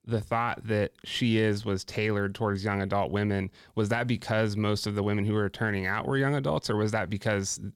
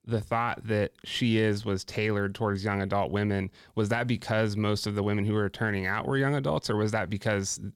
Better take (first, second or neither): neither